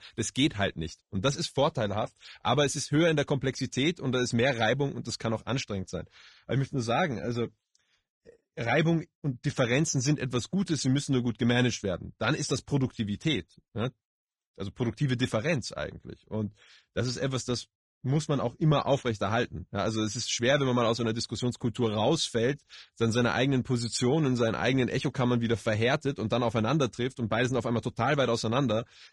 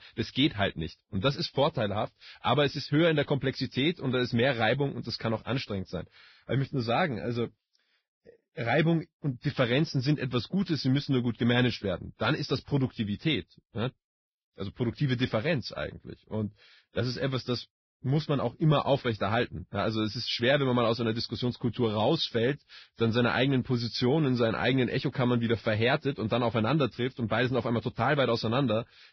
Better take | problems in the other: first | garbled, watery; badly; nothing above 5.5 kHz; slightly in the first

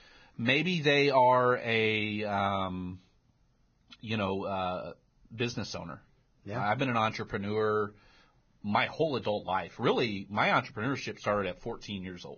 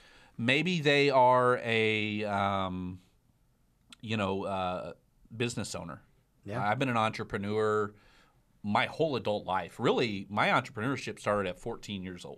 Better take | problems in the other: second | garbled, watery; badly; nothing above 6.5 kHz

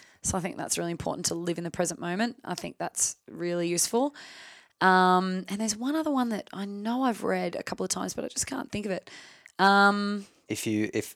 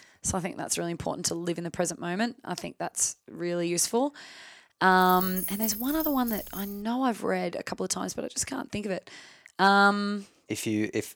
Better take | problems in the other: first | jangling keys; noticeable; from 5 to 6.5 s; peak 3 dB below the speech

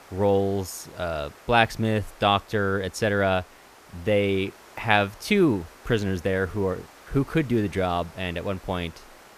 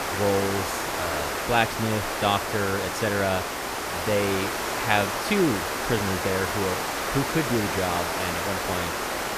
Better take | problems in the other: first | hiss; loud; throughout; as loud as the speech; faint in the first

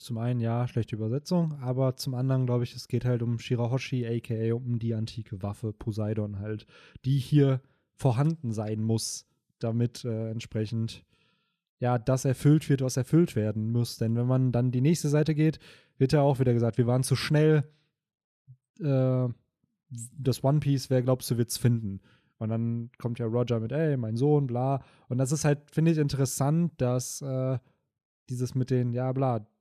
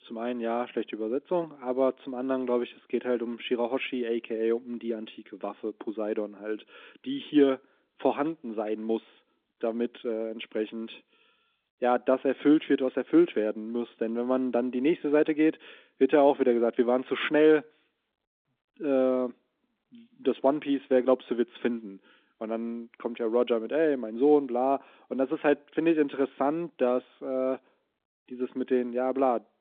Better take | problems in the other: first | phone-call audio

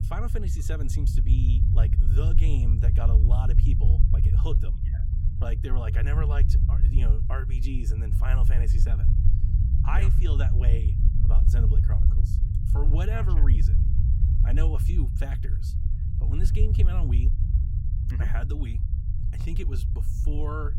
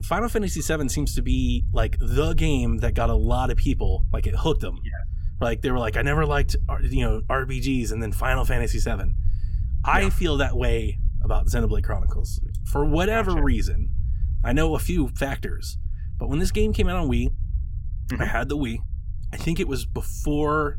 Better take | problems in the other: second | low rumble; loud; throughout; 2 dB below the speech; faint in the second

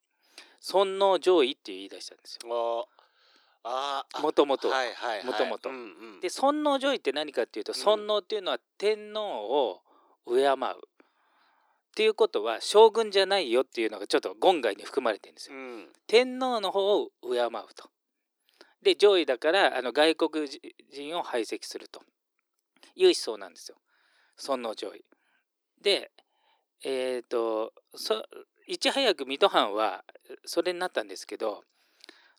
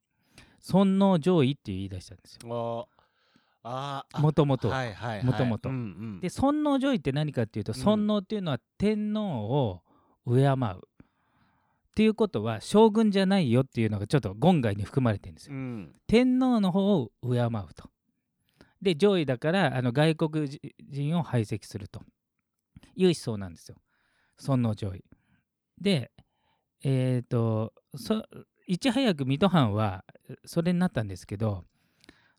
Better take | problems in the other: second | thin; very; fading below 350 Hz

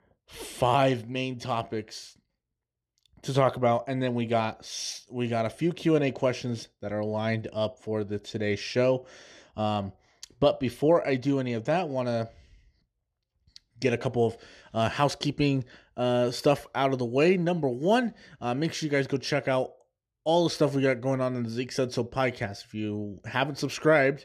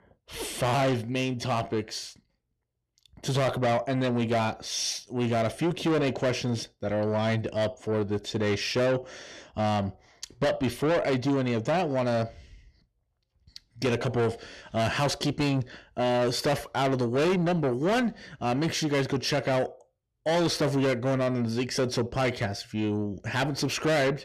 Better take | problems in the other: first | distortion; heavy; 7 dB below the speech

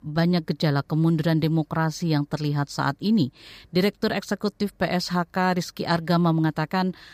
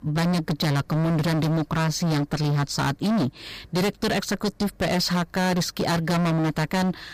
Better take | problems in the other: first | distortion; heavy; 32% of the sound clipped

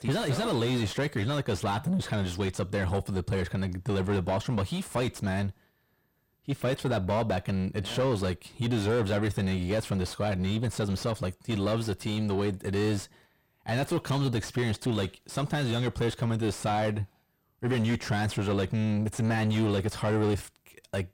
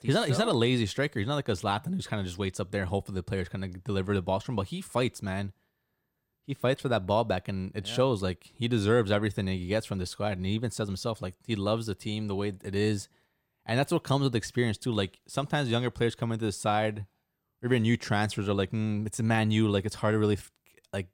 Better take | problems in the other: second | distortion; heavy; 6 dB below the speech

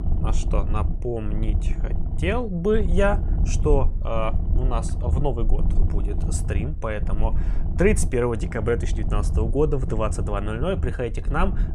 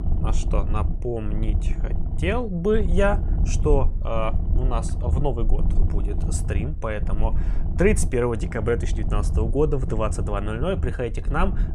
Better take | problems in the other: neither | low rumble; noticeable; throughout; 15 dB below the speech; the same in both

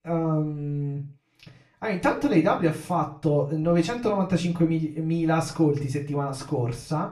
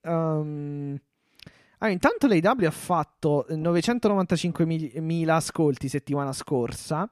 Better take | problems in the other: second | room echo; slight; dies away in 0.3 s // off-mic speech; far

